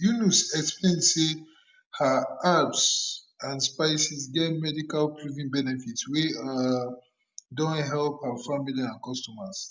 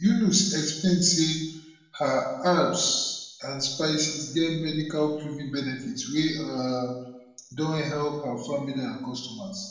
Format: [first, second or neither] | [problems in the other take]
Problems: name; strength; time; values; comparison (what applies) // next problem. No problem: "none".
first | room echo; dies away in 0.8 s